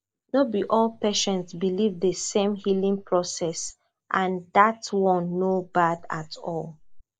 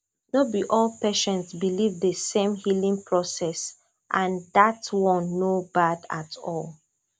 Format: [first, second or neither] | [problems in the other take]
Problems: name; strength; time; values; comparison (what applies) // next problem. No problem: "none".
second | noise reduction (neural mask model Resemble Enhance denoiser)